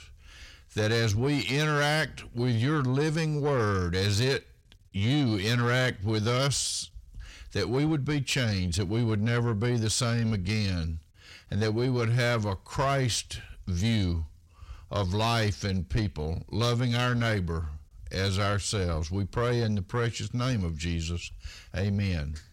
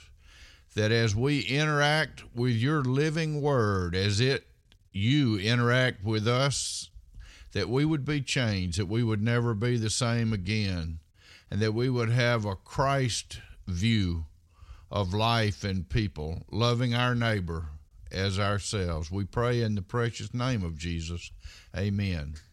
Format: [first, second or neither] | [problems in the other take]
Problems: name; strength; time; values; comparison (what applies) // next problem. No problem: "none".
second | distortion; slight; 10 dB below the speech